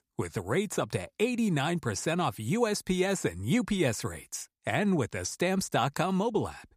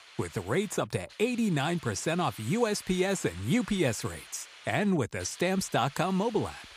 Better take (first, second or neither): first